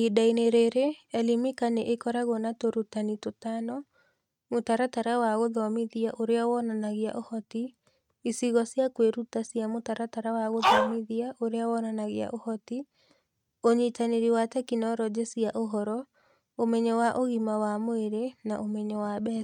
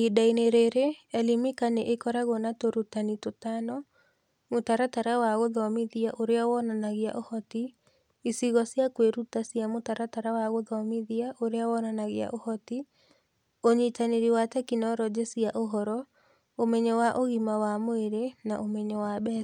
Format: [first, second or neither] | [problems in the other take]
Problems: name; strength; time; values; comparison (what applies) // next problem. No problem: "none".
second | noise reduction (neural mask model RNNoise)